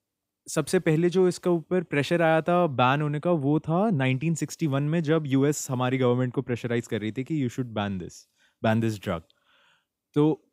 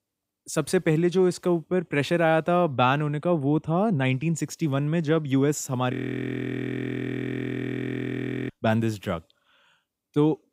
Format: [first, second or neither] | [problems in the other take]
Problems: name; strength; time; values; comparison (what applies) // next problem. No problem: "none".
first | audio freezing; at 6 s for 2.5 s